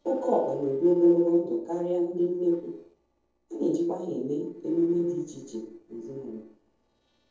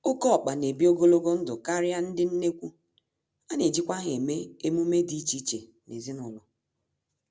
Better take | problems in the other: second | noise reduction (neural separator model SepFormer DNS4)

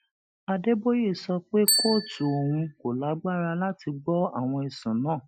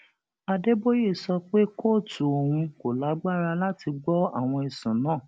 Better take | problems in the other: second | noise reduction (classical method Wiener filter)

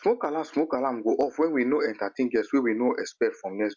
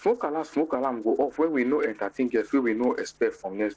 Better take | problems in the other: first | noise reduction (neural separator model SepFormer DNS4)

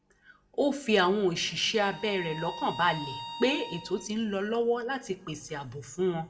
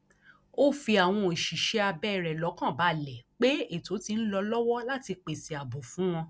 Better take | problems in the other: second | background sound (Bowed string instrument); 12 dB below the speech // room echo; dies away in 1.2 s

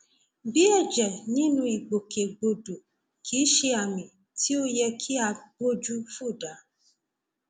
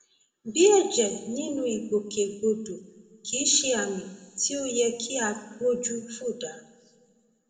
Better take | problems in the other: first | room echo; dies away in 1 s

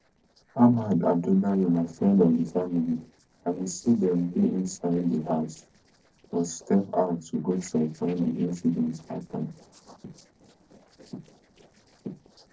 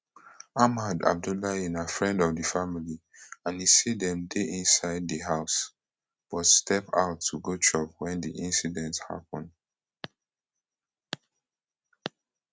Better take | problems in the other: second | noise reduction (neural separator model SepFormer DNS4)

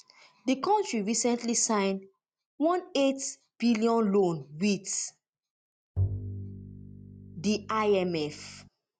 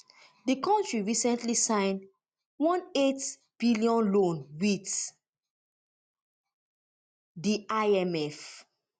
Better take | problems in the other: second | background sound (Bowed string instrument); 7 dB below the speech

